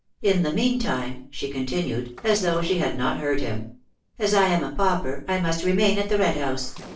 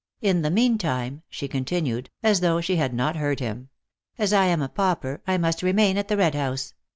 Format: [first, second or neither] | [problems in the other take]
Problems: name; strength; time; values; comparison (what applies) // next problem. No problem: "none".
second | noise reduction (neural separator model SepFormer DNS4)